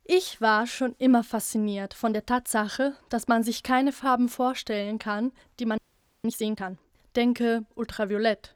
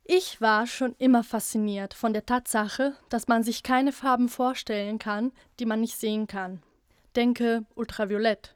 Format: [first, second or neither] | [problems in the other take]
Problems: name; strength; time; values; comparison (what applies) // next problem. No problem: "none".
second | audio freezing; at 6 s